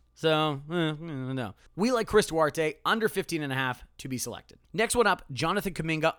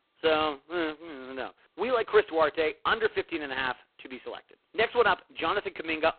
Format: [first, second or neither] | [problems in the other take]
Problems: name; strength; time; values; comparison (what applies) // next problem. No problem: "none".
first | phone-call audio; poor line; nothing above 4 kHz